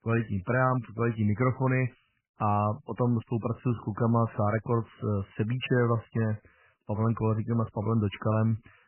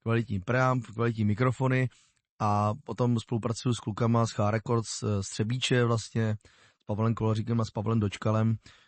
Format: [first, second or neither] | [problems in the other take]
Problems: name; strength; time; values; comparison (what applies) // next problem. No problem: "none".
second | garbled, watery; badly; nothing above 3 kHz; slightly in the second